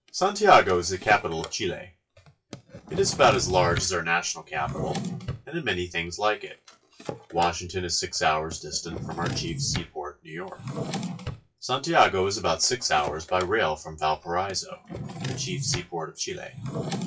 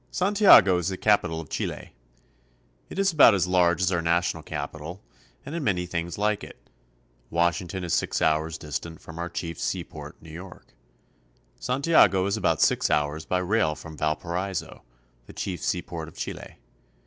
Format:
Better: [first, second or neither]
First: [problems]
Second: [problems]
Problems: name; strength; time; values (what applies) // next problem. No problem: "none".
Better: second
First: noise reduction (classical method WPE with log-MMSE)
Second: none